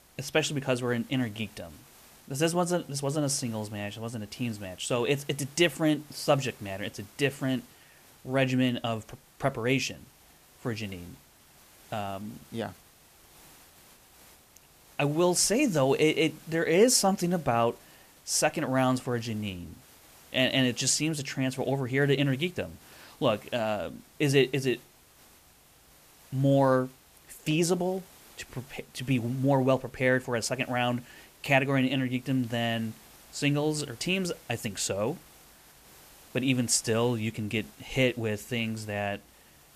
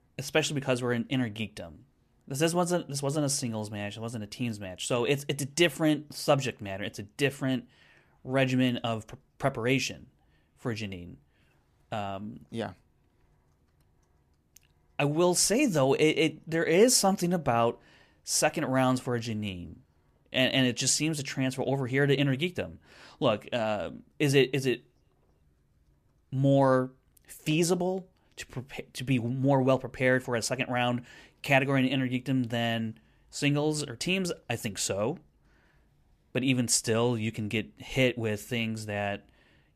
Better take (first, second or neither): second